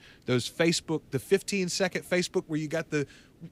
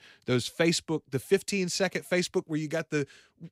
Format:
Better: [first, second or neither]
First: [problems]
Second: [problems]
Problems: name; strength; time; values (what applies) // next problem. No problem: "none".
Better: second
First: hiss; faint; throughout; 30 dB below the speech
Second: none